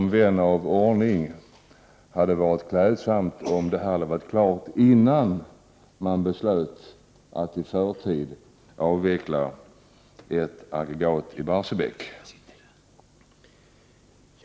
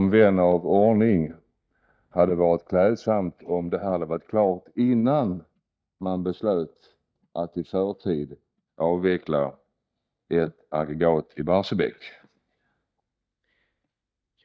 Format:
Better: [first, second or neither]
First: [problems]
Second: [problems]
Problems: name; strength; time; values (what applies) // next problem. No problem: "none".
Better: first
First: none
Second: noise reduction (neural mask model DeepFilterNet 3)